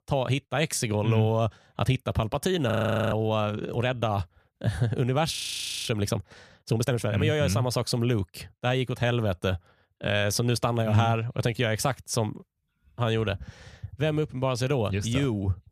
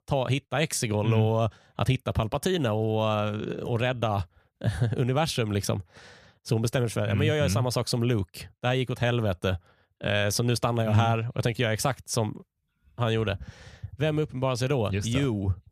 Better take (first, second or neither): second